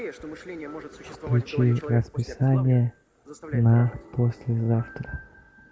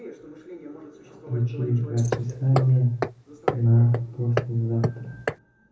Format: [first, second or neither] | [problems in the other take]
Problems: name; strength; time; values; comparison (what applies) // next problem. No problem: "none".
first | background sound (Hammer); 7 dB below the speech // room echo; dies away in 0.6 s